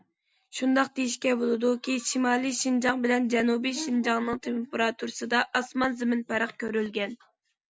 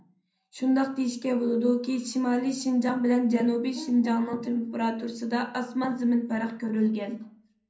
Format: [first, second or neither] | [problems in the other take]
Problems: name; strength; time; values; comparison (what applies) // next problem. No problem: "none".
first | room echo; dies away in 0.6 s